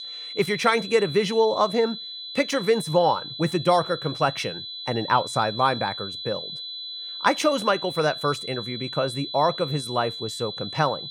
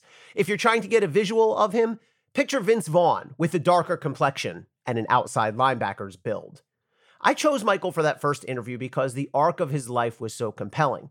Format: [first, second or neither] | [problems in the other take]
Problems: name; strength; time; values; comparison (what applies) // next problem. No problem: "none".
second | high-pitched whine; loud; throughout; 4 kHz, 8 dB below the speech